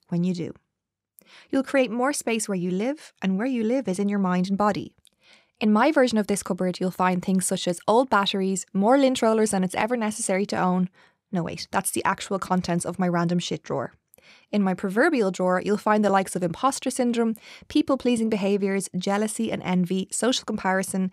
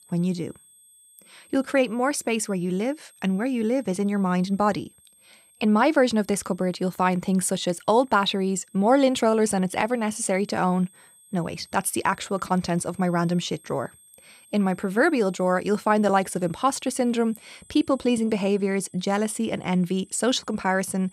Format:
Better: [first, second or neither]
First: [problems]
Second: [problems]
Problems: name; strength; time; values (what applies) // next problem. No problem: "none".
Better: first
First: none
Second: high-pitched whine; faint; throughout; 8.5 kHz, 30 dB below the speech